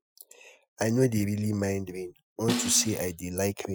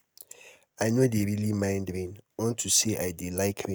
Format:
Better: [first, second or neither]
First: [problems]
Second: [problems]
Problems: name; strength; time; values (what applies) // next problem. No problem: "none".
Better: second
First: noise reduction (classical method Wiener filter)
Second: none